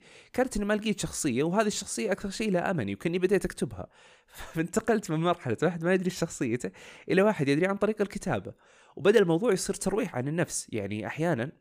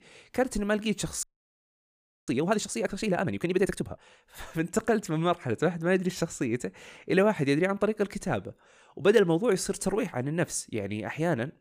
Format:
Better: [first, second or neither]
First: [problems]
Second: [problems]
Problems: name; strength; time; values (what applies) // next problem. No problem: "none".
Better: first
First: none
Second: audio freezing; at 1 s for 1 s